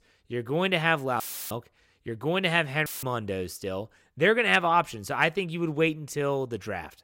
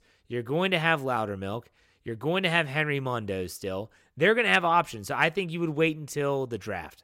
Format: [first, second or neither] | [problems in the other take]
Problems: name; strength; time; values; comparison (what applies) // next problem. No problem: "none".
second | audio cutting out; filled with static; at 1 s and at 3 s